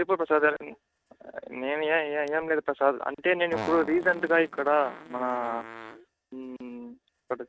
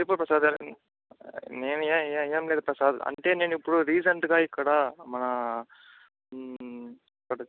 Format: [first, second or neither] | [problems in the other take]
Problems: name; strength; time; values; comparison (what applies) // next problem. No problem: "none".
second | noise reduction (neural mask model RNNoise)